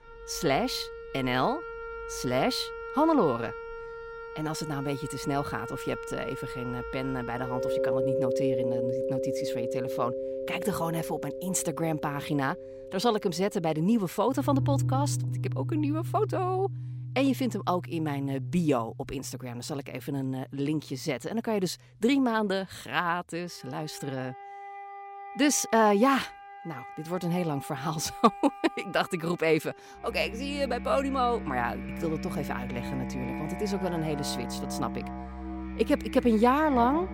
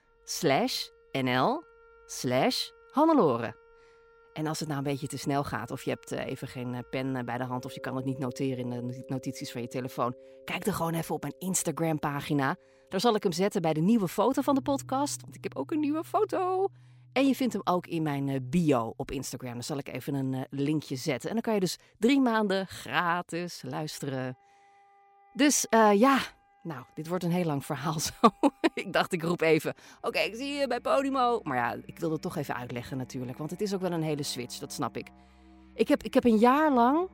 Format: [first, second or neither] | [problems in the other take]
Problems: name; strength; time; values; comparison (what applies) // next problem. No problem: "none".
second | background music; loud; throughout; 6 dB below the speech; faint in the second